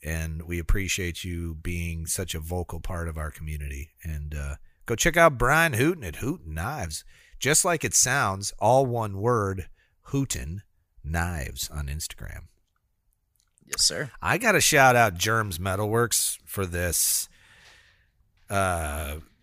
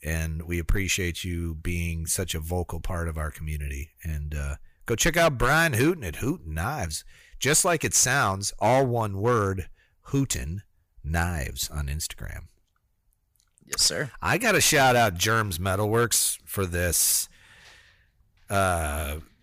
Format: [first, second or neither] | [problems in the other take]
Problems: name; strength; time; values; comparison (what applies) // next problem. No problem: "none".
first | distortion; slight; 3% of the sound clipped